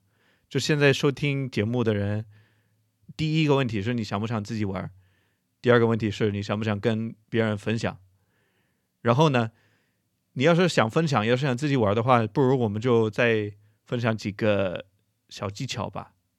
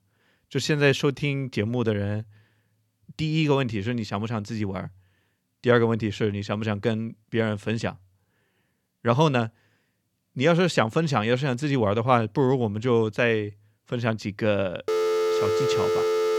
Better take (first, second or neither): first